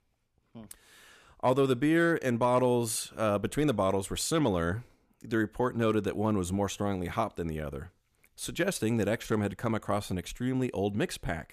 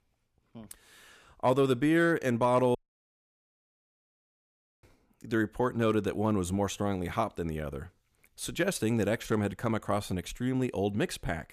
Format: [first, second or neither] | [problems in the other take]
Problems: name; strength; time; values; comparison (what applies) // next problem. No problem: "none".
first | audio cutting out; at 3 s for 2 s